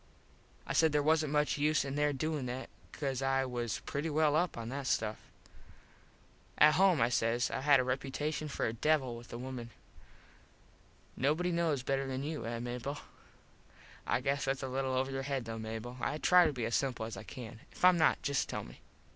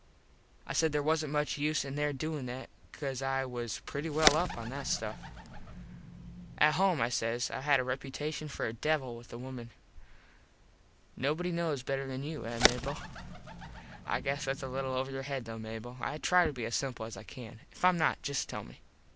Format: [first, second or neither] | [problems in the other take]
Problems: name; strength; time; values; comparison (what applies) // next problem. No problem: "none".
first | background sound (Bird); 2 dB below the speech